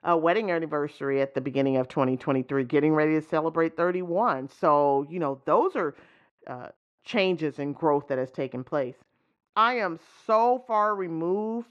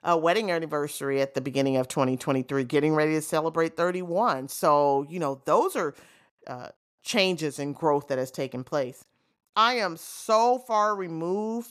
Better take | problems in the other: second | muffled; slightly; fading above 2 kHz

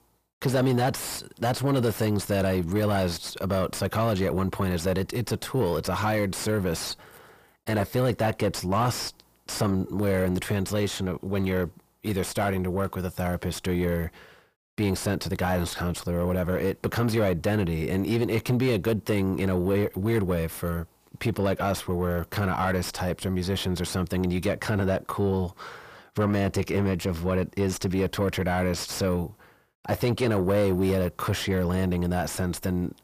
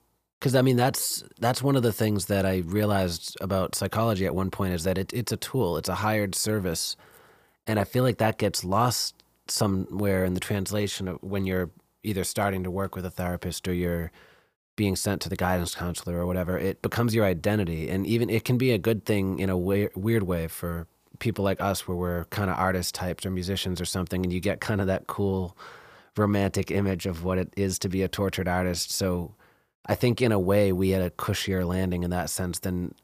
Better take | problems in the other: second | distortion; slight; 10 dB below the speech

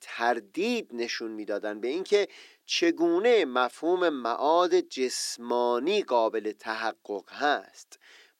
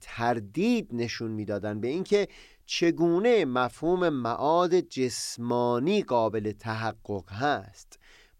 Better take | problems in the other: second | thin; somewhat; fading below 300 Hz

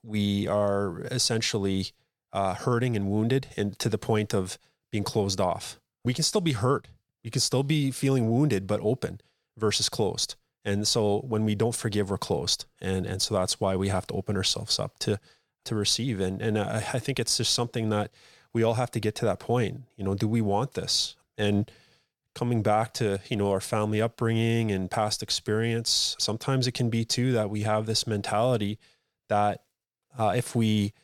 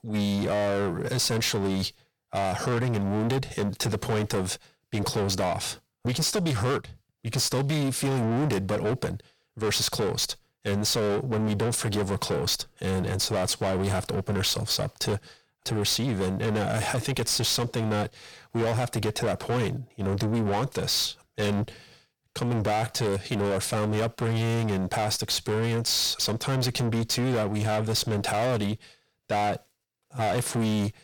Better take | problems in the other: first | distortion; heavy; 7 dB below the speech

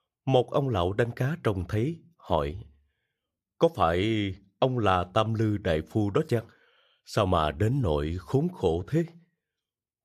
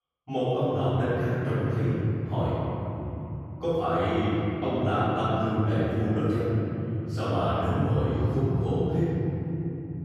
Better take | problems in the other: first | off-mic speech; far // room echo; strong; dies away in 3 s

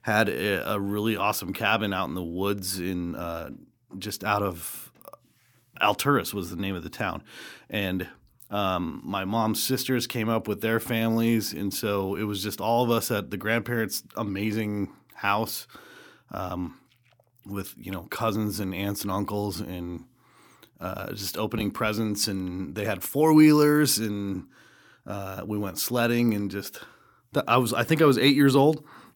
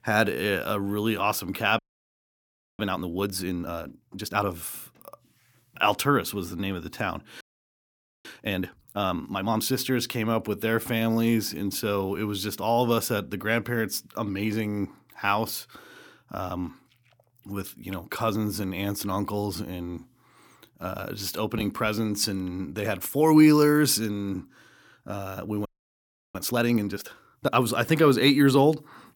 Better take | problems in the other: first | audio freezing; at 2 s for 1 s, at 7.5 s for 1 s and at 26 s for 0.5 s

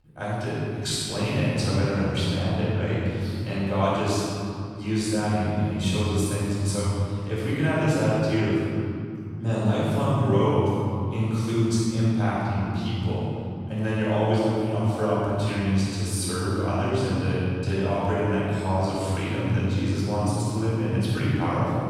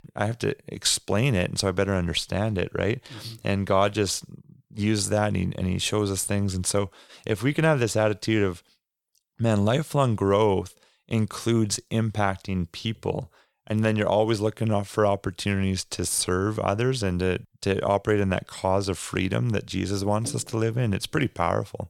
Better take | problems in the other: second | room echo; strong; dies away in 3 s // off-mic speech; far

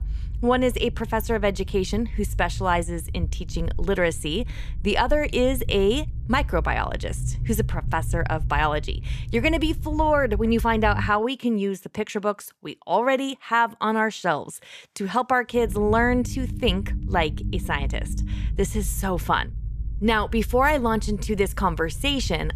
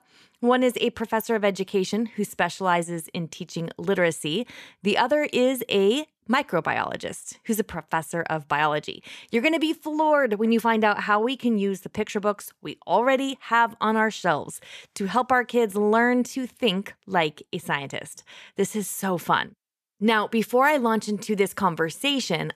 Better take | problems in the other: second | low rumble; faint; until 11 s and from 16 s on; 25 dB below the speech

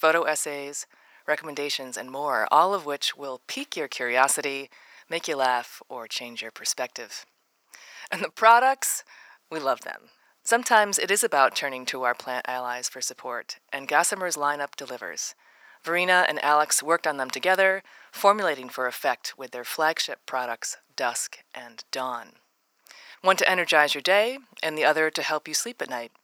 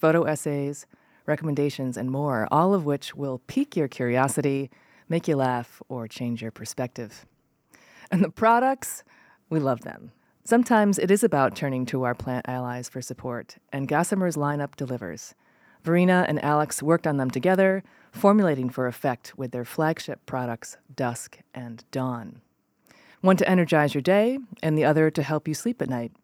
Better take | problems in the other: second | thin; very; fading below 800 Hz

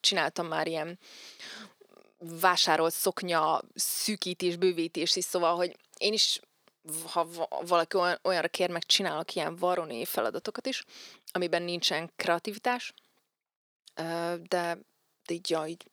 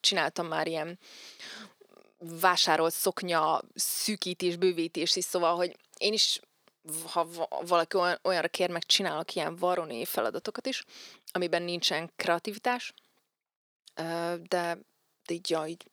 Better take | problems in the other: neither | thin; somewhat; fading below 450 Hz; the same in both

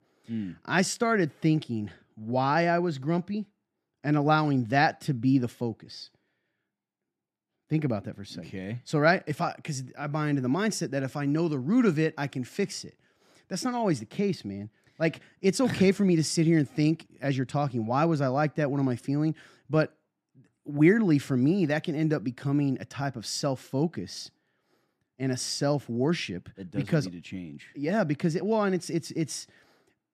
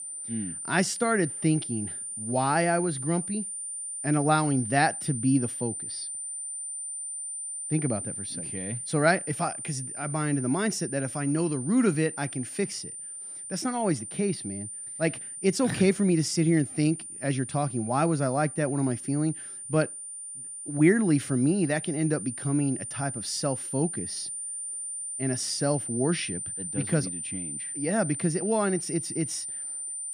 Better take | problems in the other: first | high-pitched whine; loud; throughout; 9 kHz, 6 dB below the speech

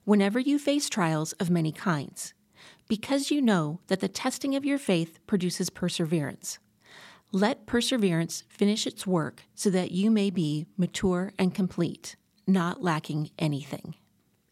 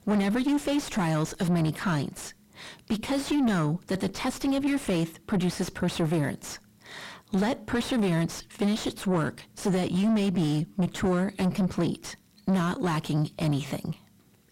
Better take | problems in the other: first | distortion; heavy; 6 dB below the speech

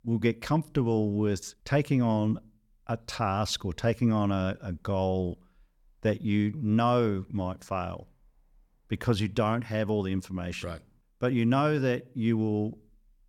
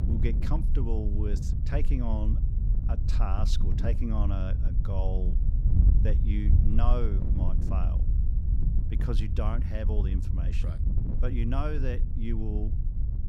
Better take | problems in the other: first | wind noise on the microphone; heavy; 6 dB below the speech

